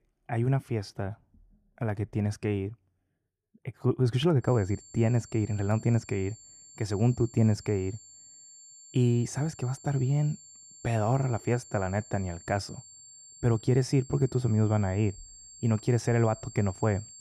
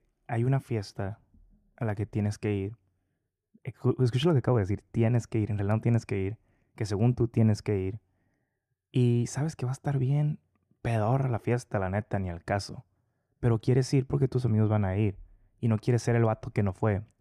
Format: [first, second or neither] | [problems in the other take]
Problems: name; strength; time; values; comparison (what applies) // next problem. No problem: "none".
second | high-pitched whine; noticeable; from 4.5 s on; 7.5 kHz, 20 dB below the speech